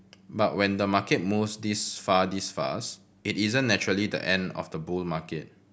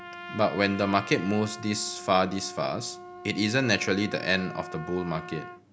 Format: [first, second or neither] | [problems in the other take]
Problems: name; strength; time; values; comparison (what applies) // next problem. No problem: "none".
first | background sound (Trumpet); 13 dB below the speech